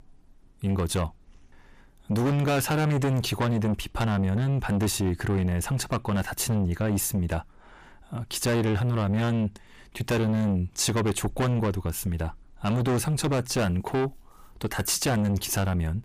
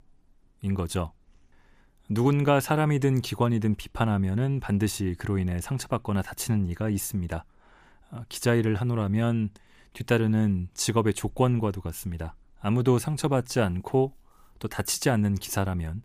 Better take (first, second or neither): second